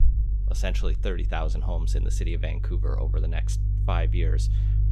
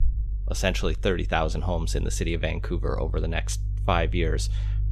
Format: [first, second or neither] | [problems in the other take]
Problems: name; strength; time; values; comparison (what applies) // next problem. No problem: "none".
second | low rumble; loud; throughout; 10 dB below the speech; faint in the second